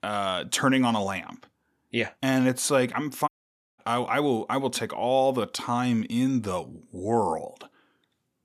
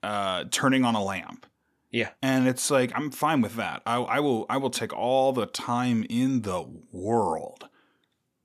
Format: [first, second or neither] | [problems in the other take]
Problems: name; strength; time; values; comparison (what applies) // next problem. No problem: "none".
second | audio cutting out; at 3.5 s for 0.5 s